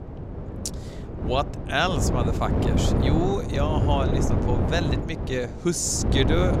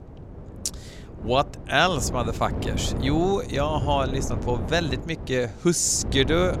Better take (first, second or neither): second